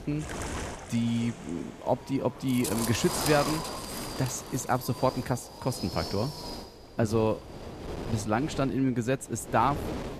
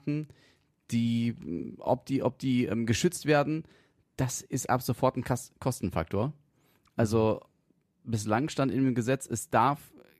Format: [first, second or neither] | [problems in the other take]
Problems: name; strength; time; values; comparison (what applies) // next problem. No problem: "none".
second | wind noise on the microphone; heavy; 7 dB below the speech